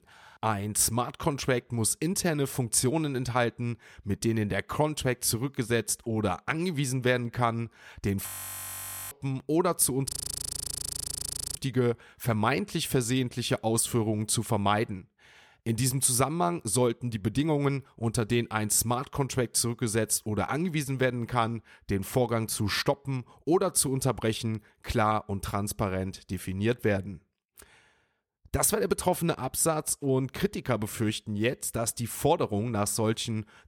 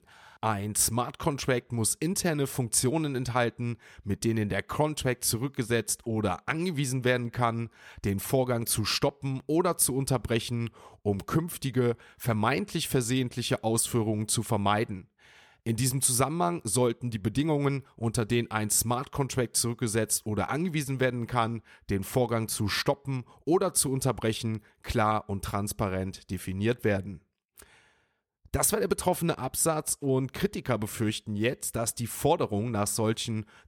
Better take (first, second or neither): second